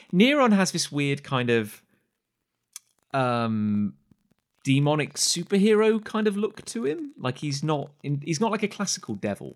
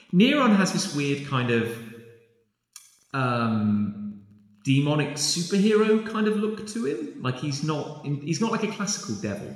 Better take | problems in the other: first | room echo; noticeable; dies away in 1.1 s

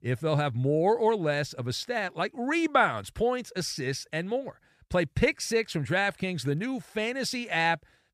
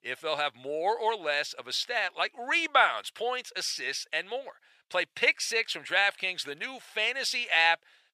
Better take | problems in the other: first | thin; very; fading below 700 Hz

